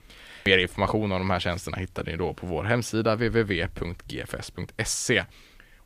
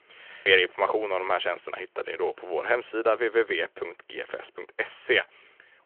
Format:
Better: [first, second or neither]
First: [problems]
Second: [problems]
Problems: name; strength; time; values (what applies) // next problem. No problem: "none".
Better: first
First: none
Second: phone-call audio; nothing above 3 kHz